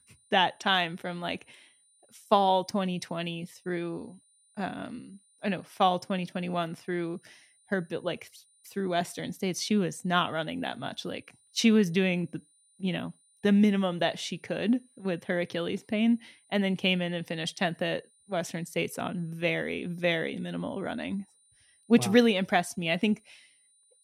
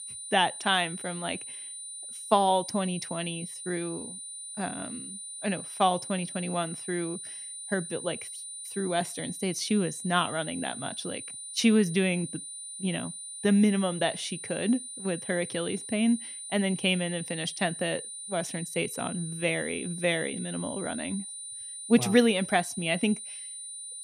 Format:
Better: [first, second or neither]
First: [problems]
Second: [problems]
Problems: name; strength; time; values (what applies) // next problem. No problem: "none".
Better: first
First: high-pitched whine; faint; throughout; 9.5 kHz, 35 dB below the speech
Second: high-pitched whine; loud; throughout; 9.5 kHz, 9 dB below the speech